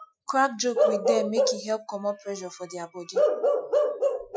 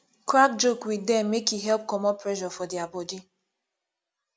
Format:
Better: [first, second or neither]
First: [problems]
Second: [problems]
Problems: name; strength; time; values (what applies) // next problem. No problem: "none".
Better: second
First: noise reduction (classical method Wiener filter)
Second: none